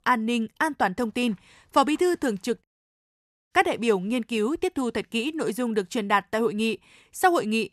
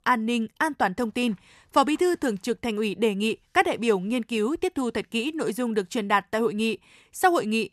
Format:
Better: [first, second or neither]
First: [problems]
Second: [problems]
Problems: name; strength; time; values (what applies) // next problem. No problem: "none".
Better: second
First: audio cutting out; at 2.5 s for 1 s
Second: none